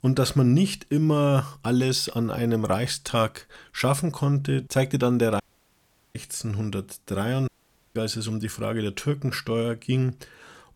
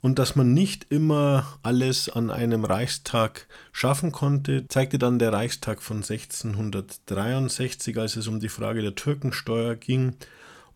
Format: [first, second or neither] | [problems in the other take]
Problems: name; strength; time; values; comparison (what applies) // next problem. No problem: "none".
second | audio cutting out; at 5.5 s for 1 s and at 7.5 s